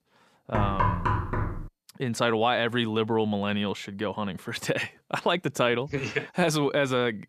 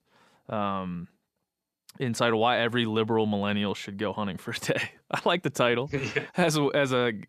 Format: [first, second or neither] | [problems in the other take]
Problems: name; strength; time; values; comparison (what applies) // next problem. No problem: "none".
second | door banging; loud; from 0.5 to 1.5 s; peak 2 dB above the speech